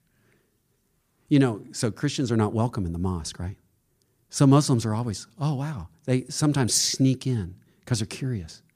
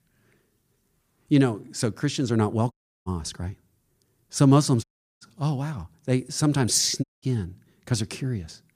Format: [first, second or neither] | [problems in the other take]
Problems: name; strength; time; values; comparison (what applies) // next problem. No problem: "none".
first | audio cutting out; at 2.5 s, at 5 s and at 7 s